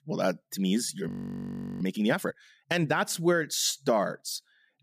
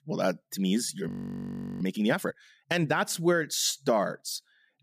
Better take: neither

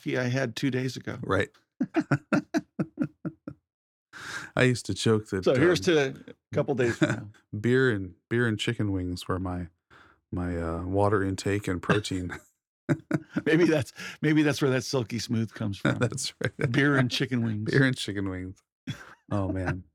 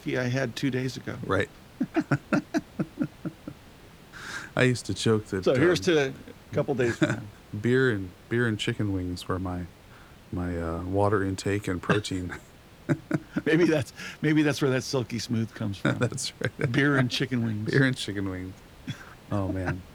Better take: first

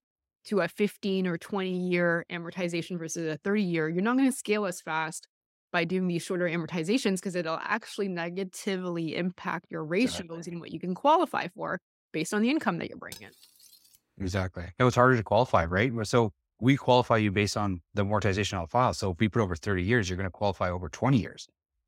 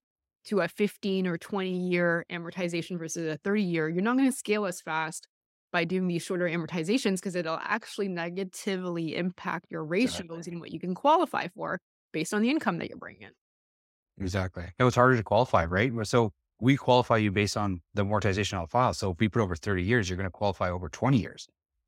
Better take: second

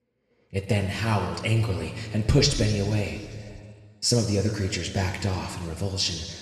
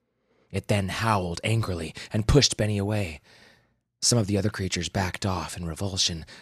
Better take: second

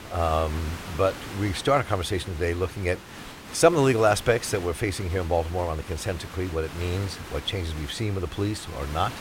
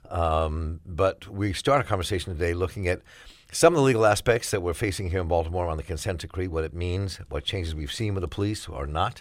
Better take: second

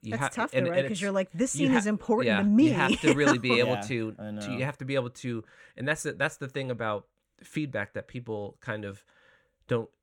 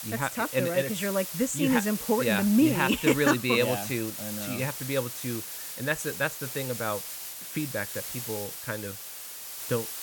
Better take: first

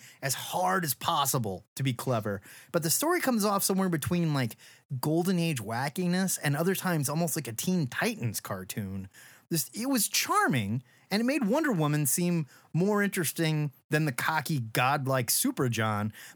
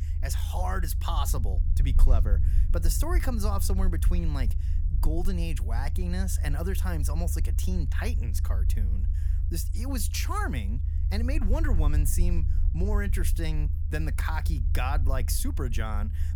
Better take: first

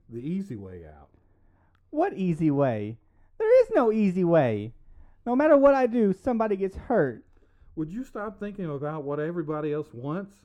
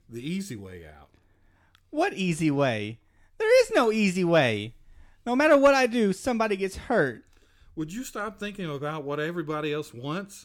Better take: second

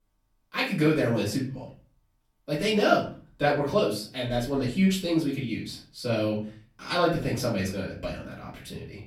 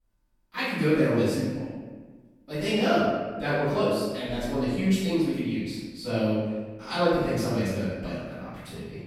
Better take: first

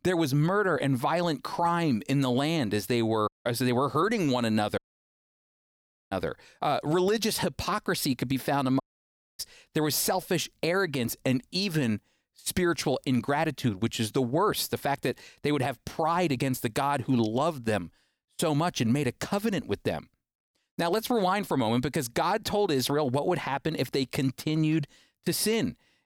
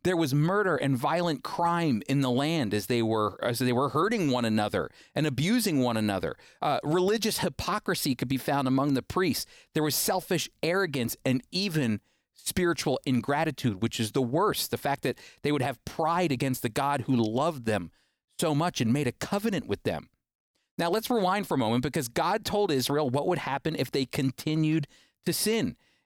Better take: second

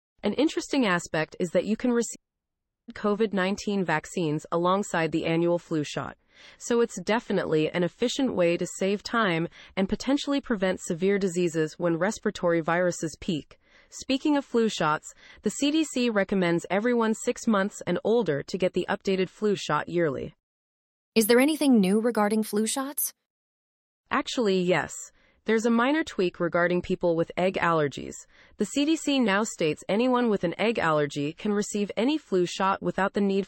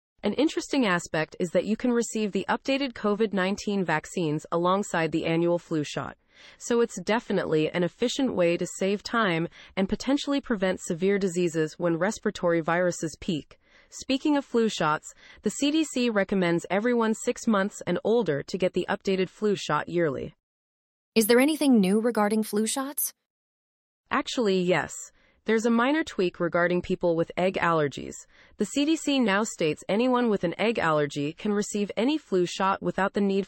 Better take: second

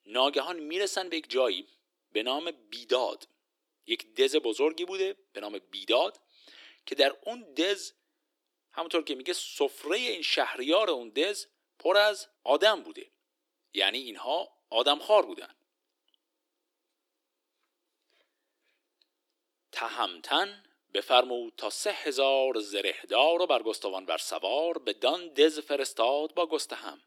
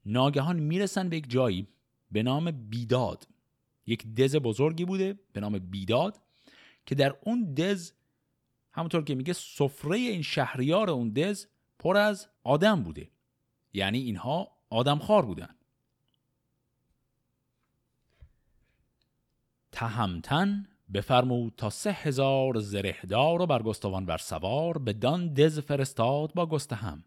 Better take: second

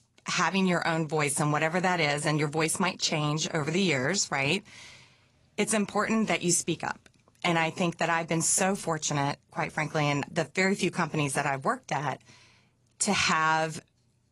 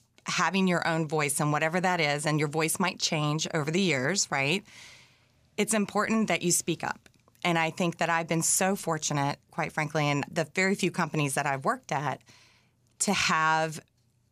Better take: second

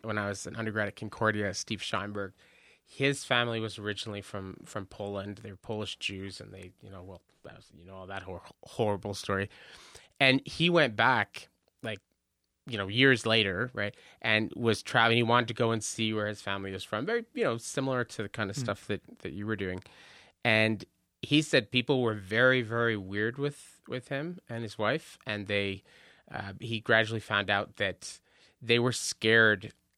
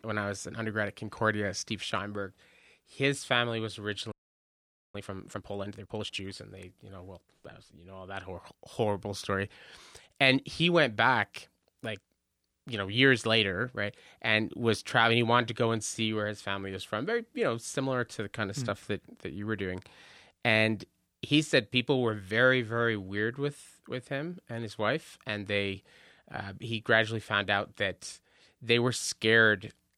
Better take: first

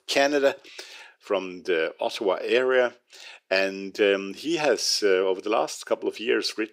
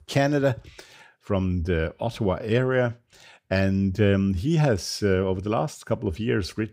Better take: second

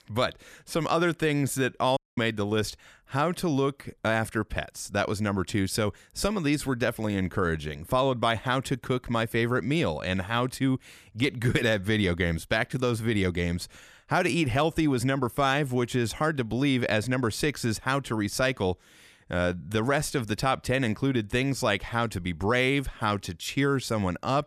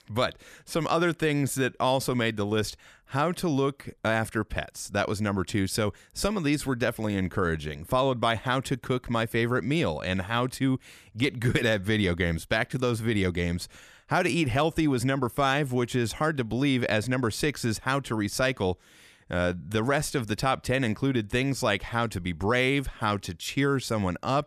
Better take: second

